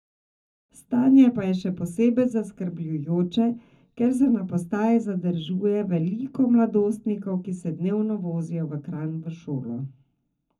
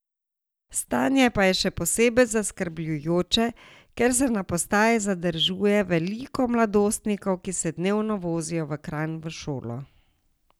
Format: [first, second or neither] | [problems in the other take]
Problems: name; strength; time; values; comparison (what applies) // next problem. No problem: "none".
second | room echo; dies away in 0.3 s